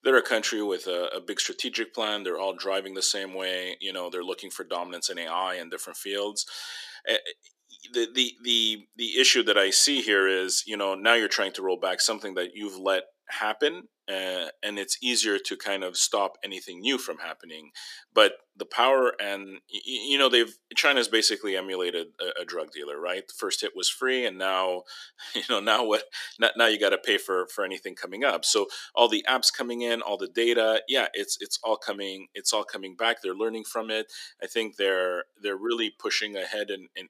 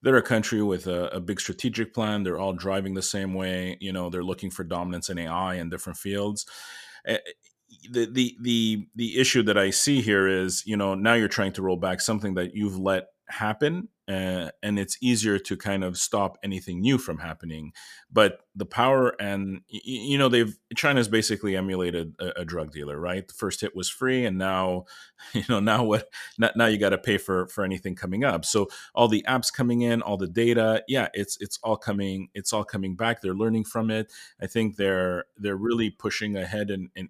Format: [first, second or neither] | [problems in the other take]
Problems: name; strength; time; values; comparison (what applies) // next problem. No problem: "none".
second | thin; somewhat; fading below 300 Hz